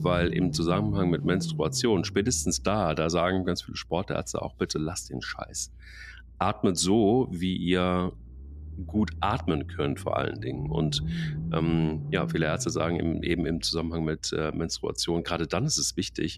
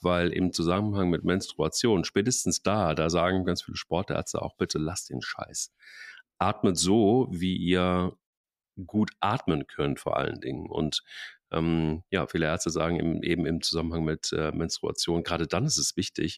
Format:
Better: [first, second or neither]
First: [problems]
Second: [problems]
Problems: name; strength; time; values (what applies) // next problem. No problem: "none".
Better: second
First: low rumble; noticeable; throughout; 15 dB below the speech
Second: none